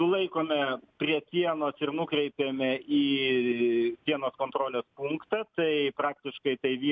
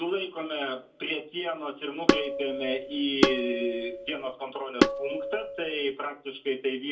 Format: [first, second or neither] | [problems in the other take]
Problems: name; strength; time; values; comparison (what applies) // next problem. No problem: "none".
first | background sound (Tabla); 3 dB above the speech // room echo; dies away in 0.2 s